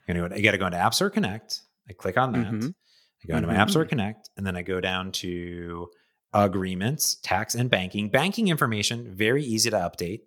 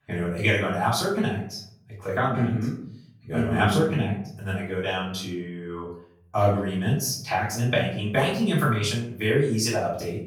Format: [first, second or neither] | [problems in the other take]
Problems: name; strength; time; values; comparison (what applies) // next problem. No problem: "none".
first | room echo; noticeable; dies away in 0.6 s // off-mic speech; far